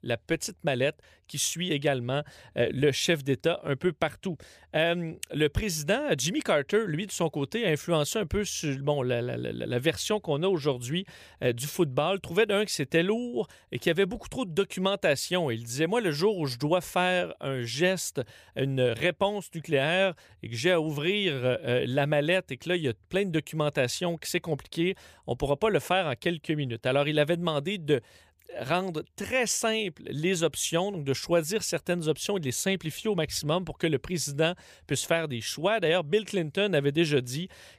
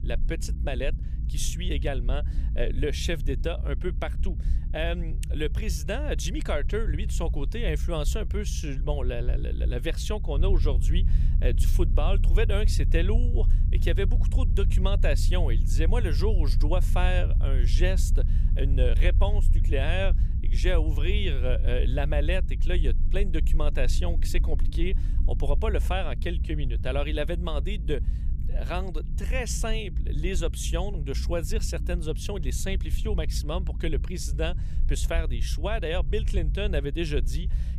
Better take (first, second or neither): first